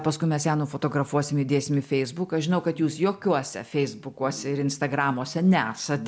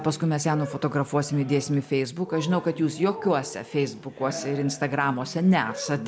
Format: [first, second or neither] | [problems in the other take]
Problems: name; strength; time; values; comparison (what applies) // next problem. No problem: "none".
first | background sound (Cheering); 16 dB below the speech